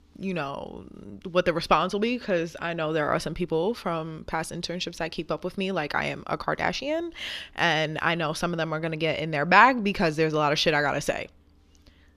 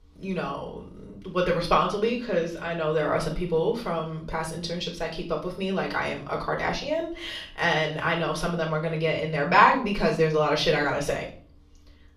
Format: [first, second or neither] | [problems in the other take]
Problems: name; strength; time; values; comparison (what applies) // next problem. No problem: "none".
first | off-mic speech; far // room echo; slight; dies away in 0.4 s